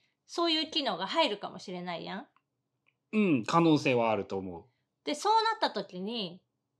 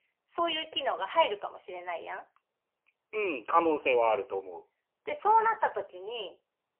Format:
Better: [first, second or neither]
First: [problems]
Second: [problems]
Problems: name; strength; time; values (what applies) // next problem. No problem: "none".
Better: first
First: none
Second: phone-call audio; poor line; nothing above 3 kHz